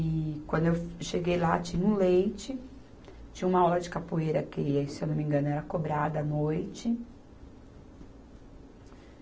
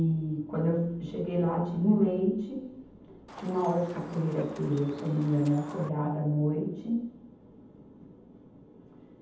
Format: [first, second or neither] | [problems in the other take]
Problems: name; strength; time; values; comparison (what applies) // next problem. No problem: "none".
first | background sound (Chicken, rooster); 17 dB below the speech // room echo; dies away in 0.8 s